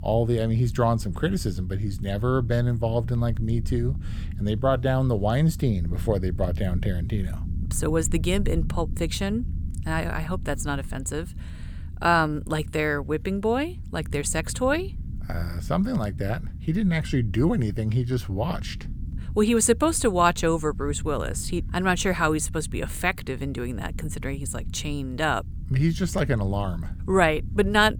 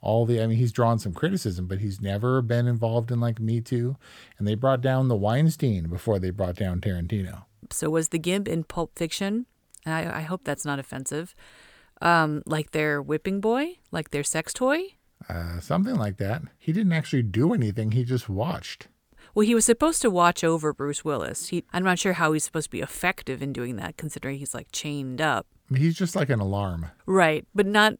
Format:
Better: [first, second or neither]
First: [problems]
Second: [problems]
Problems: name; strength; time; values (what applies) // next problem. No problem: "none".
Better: second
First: low rumble; faint; throughout; 20 dB below the speech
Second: none